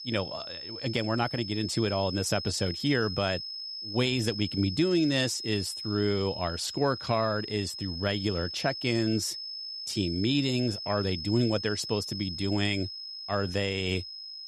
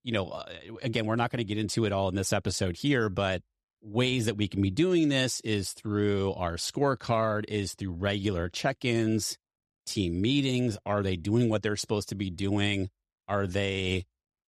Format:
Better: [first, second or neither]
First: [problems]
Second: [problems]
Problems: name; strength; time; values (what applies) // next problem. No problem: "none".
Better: second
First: high-pitched whine; loud; throughout; 5 kHz, 7 dB below the speech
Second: none